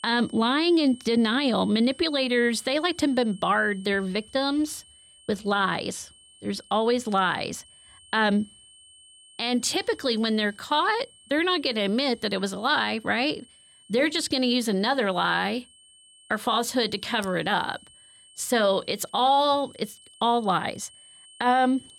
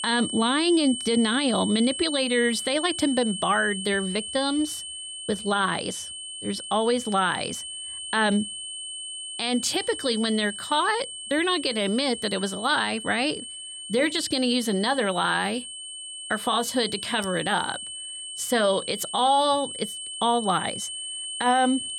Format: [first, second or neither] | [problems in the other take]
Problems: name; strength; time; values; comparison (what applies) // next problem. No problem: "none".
first | high-pitched whine; loud; throughout; 3 kHz, 8 dB below the speech; faint in the first